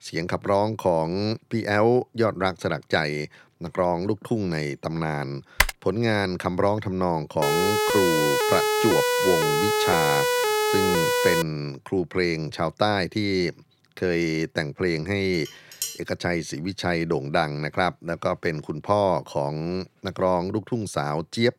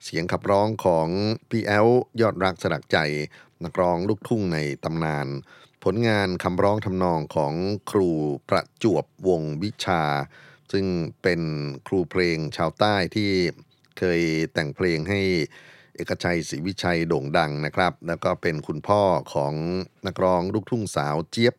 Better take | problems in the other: second | keyboard typing; loud; at 5.5 s; peak 2 dB above the speech // siren; loud; from 7.5 to 11 s; peak 4 dB above the speech // clattering dishes; noticeable; at 15 s; peak 5 dB below the speech

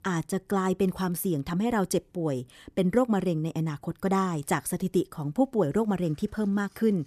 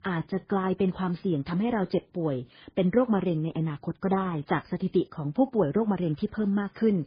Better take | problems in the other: first | garbled, watery; badly

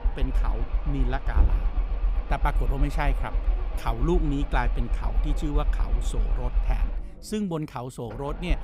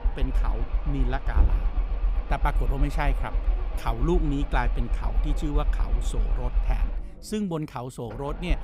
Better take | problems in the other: neither | low rumble; loud; throughout; 10 dB below the speech; the same in both

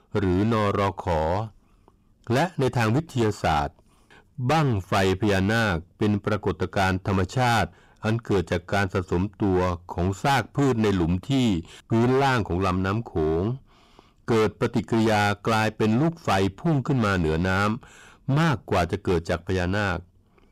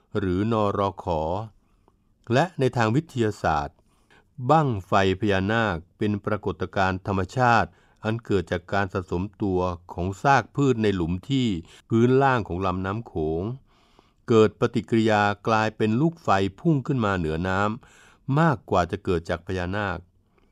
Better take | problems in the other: second | distortion; heavy; 15% of the sound clipped

